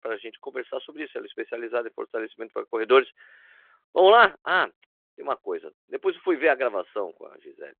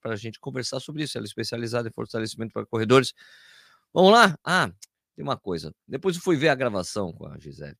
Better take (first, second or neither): second